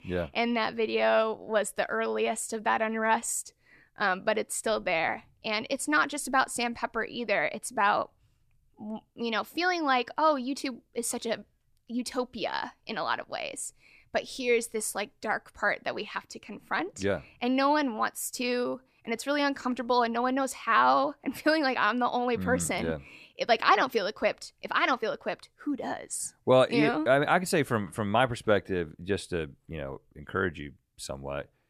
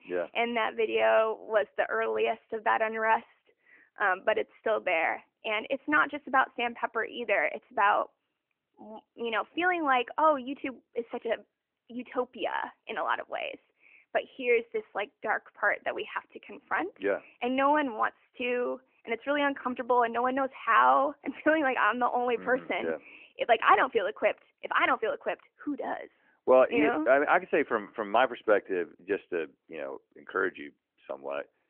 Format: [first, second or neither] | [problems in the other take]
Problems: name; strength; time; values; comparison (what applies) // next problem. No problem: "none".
first | phone-call audio; nothing above 3 kHz